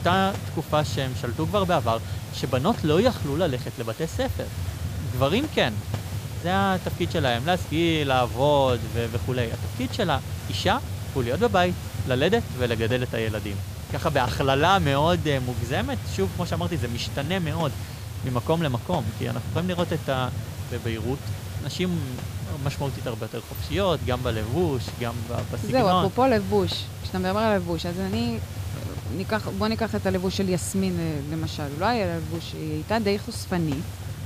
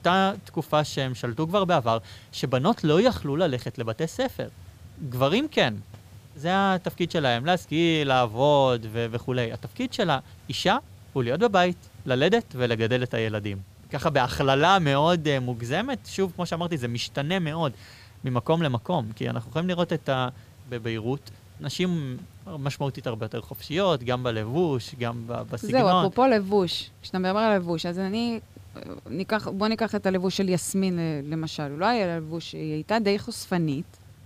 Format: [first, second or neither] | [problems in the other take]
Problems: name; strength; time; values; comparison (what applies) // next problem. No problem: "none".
second | hiss; loud; throughout; 7 dB below the speech; faint in the second